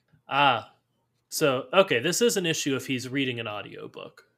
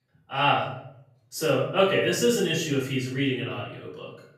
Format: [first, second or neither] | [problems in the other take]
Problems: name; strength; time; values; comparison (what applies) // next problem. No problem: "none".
first | off-mic speech; far // room echo; noticeable; dies away in 0.7 s